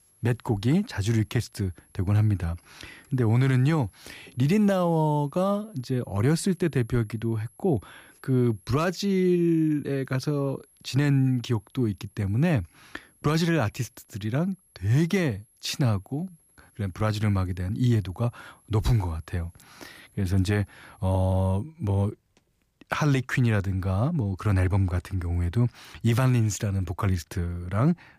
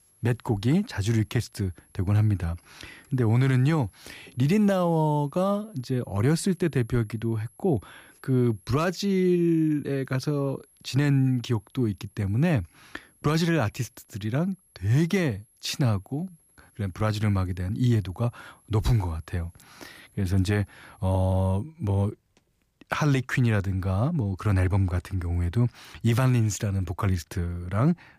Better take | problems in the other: neither | high-pitched whine; faint; until 21 s; 11 kHz, 30 dB below the speech; the same in both

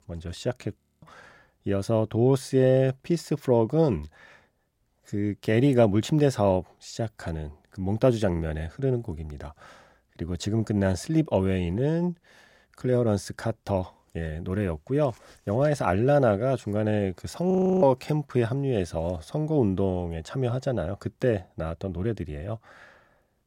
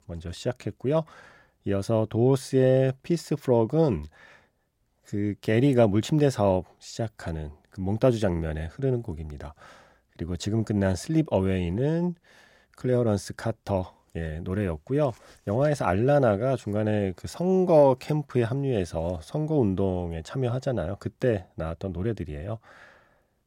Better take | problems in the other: second | audio freezing; at 1 s and at 18 s

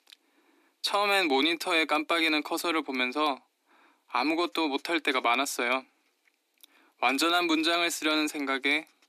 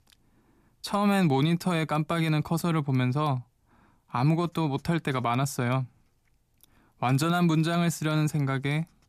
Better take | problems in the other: second | thin; somewhat; fading below 300 Hz

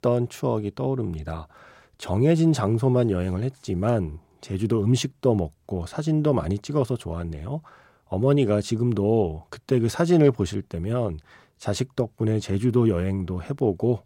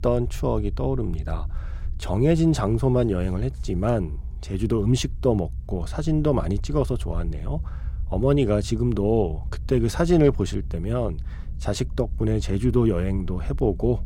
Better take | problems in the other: first | low rumble; faint; throughout; 25 dB below the speech

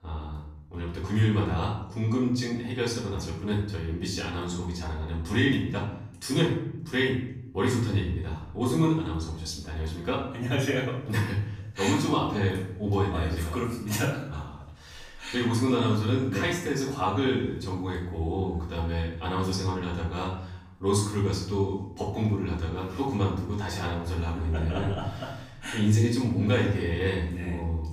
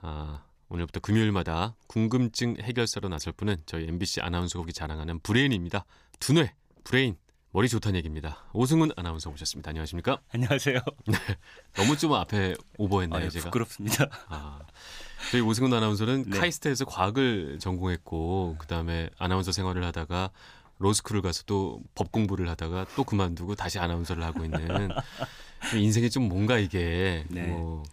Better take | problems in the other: second | off-mic speech; far // room echo; noticeable; dies away in 0.7 s

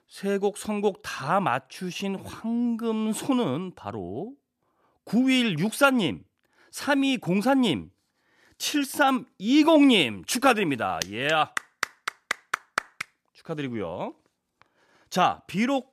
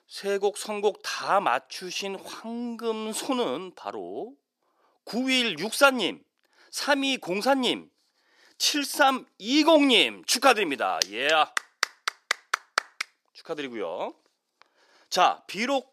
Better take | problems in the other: first | thin; very slightly; fading below 400 Hz

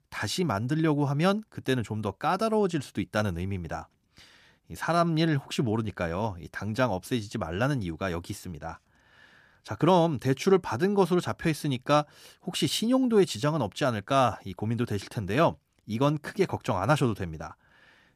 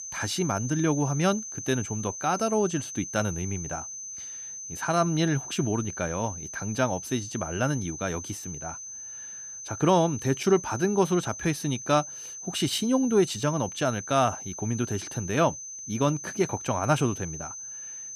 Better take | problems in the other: first | high-pitched whine; loud; throughout; 6 kHz, 9 dB below the speech

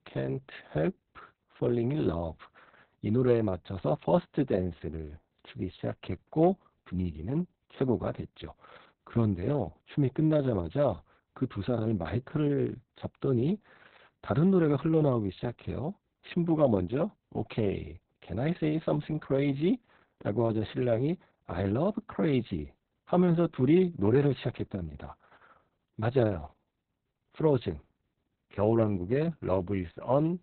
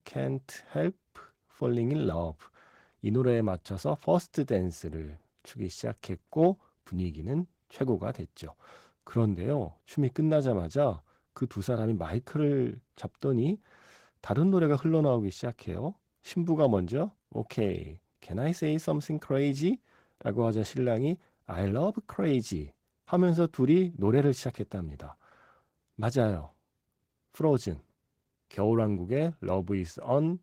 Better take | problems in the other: second | garbled, watery; badly; nothing above 4 kHz; slightly in the second

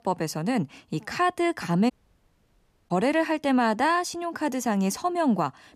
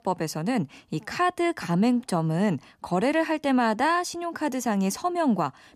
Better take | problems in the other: second | audio cutting out; at 2 s for 1 s

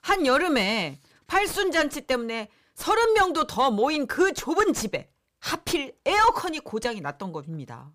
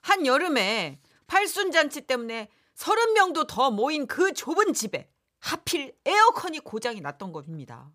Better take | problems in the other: second | distortion; slight; 9 dB below the speech

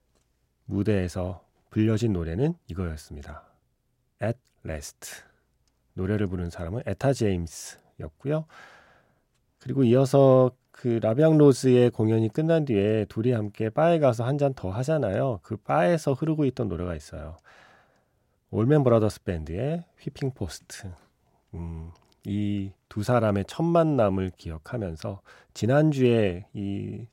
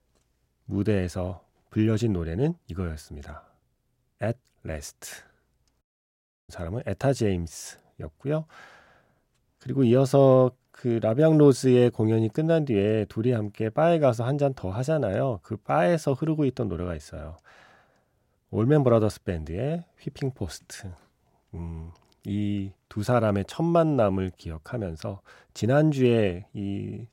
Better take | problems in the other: first | audio cutting out; at 6 s for 0.5 s

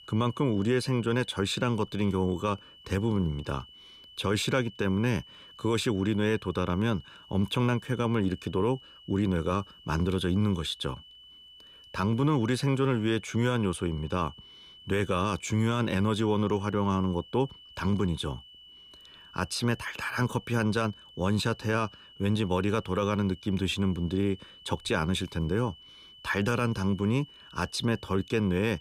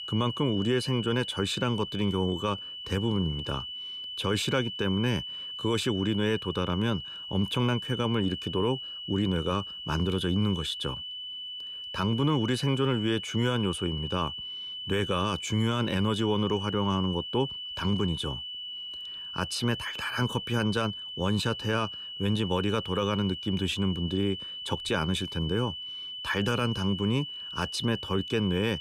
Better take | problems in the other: first | high-pitched whine; loud; throughout; 3 kHz, 7 dB below the speech; faint in the first

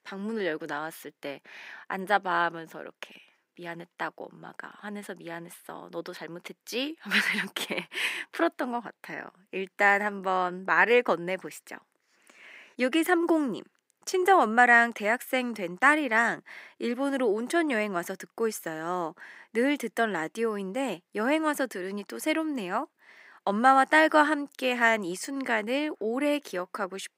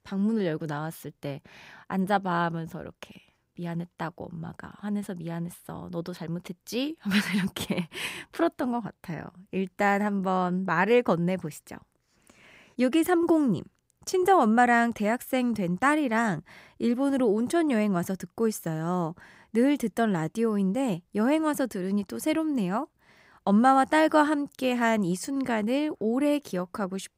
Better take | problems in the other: second | thin; somewhat; fading below 300 Hz

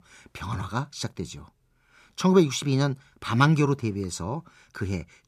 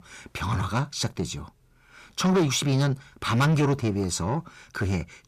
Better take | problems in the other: first | distortion; heavy; 6 dB below the speech

